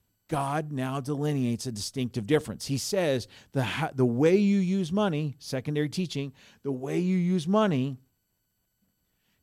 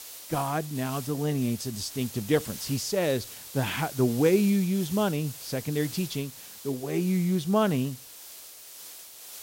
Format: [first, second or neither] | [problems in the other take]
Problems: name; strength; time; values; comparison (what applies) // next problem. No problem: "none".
first | hiss; noticeable; throughout; 10 dB below the speech